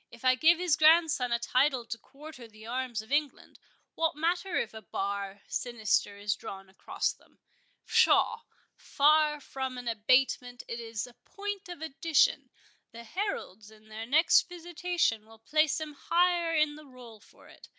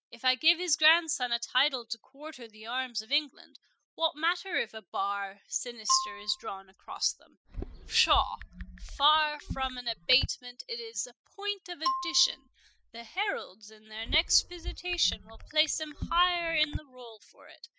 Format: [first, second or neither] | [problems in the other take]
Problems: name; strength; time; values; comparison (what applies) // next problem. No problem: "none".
first | noise reduction (classical method spectral subtraction)